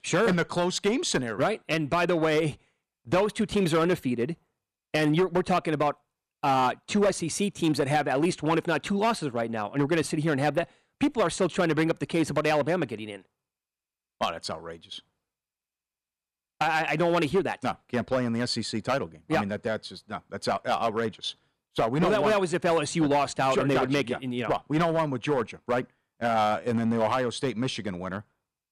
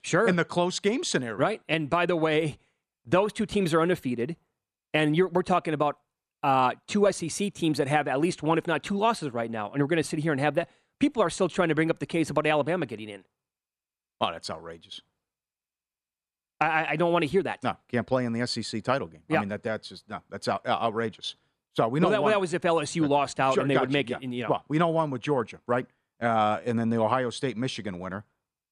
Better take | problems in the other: second | distortion; slight; 5% of the sound clipped

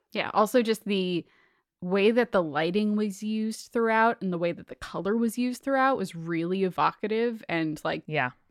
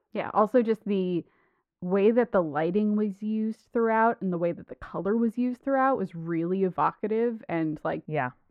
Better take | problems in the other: first | muffled; very; fading above 2.5 kHz

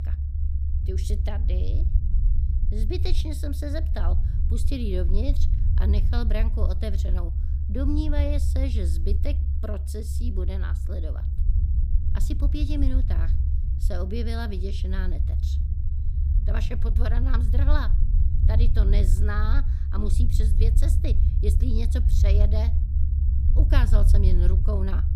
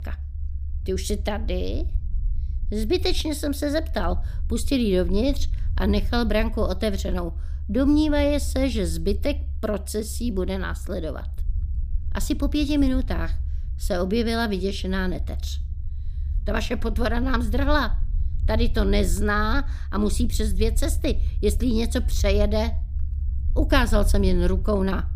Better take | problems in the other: second | low rumble; loud; throughout; 6 dB below the speech; faint in the second

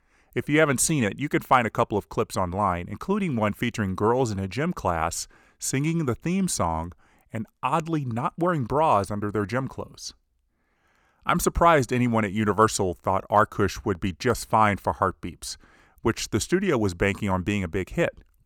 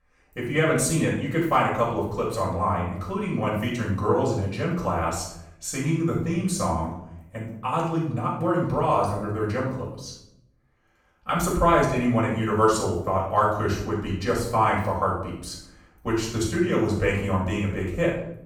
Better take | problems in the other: first | off-mic speech; far // room echo; noticeable; dies away in 0.7 s

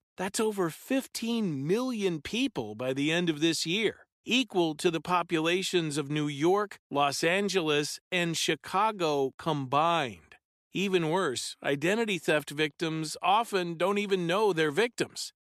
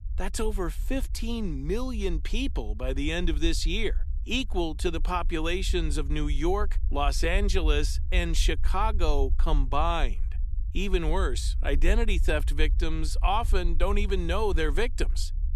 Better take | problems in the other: first | low rumble; faint; throughout; 25 dB below the speech

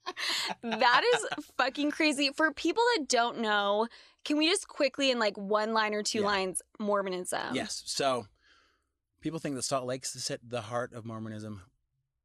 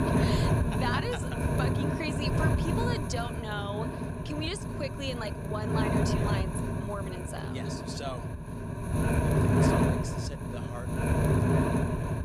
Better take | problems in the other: first | wind noise on the microphone; heavy; 3 dB above the speech

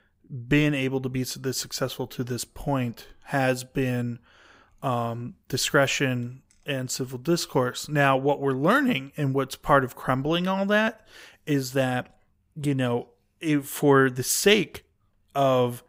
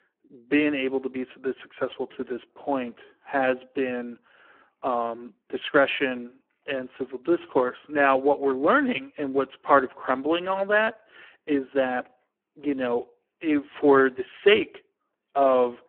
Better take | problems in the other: first | phone-call audio; poor line

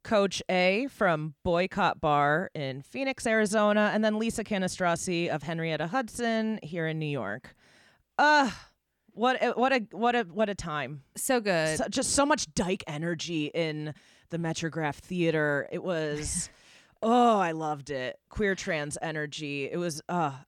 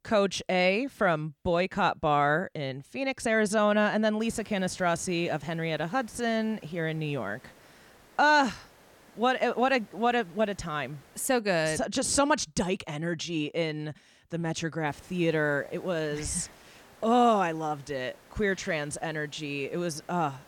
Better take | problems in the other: first | hiss; faint; from 4 to 11 s and from 15 s on; 25 dB below the speech

